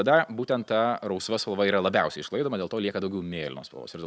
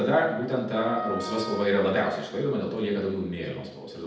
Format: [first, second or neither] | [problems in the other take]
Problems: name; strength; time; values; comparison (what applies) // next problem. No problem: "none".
first | background sound (Wind instrument, woodwind instrument); 9 dB below the speech // room echo; dies away in 0.8 s